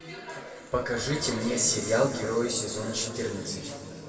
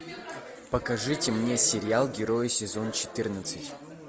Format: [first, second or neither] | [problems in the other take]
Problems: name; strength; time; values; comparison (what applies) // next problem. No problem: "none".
second | room echo; dies away in 2.3 s